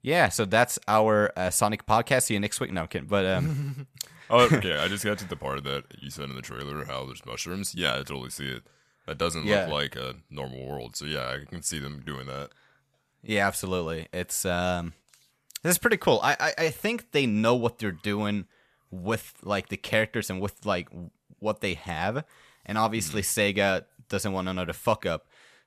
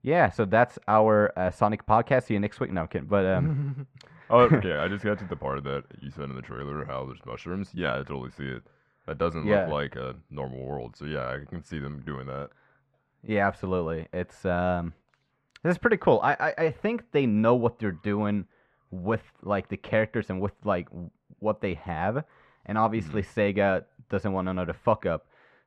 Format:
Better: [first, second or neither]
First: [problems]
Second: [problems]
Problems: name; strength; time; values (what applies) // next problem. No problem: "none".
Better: first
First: none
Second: muffled; very; fading above 1.5 kHz